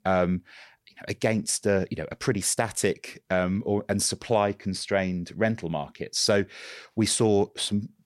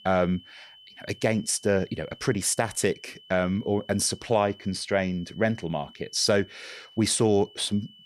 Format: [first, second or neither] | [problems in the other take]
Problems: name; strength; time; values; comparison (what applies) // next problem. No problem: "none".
first | high-pitched whine; faint; throughout; 3 kHz, 25 dB below the speech